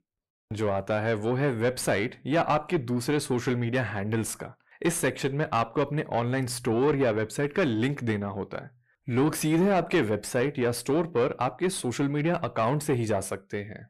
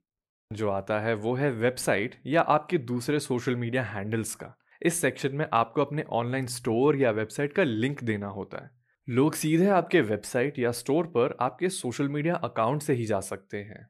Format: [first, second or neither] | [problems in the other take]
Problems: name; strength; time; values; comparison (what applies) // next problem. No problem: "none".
second | distortion; slight; 10 dB below the speech